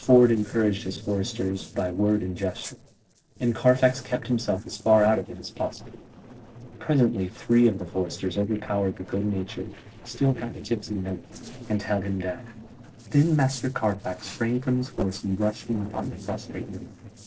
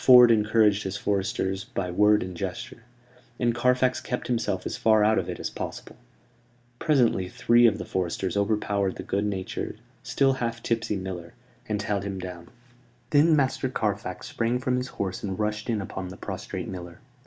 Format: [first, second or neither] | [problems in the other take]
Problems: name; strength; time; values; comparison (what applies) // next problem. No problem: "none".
second | noise reduction (neural separator model SepFormer DNS4)